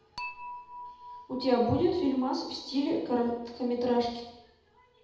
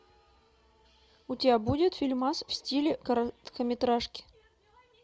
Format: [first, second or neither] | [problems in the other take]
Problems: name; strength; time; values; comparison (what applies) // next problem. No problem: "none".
second | background sound (Dishes, pots, and pans / Chink, clink); 17 dB below the speech // room echo; dies away in 0.8 s